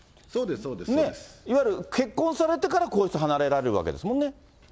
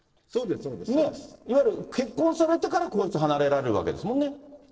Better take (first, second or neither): first